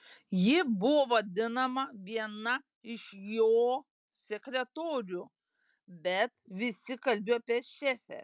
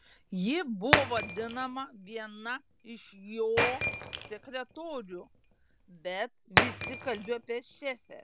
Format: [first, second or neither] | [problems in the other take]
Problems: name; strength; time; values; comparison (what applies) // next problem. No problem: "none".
first | background sound (Shatter); 1 dB above the speech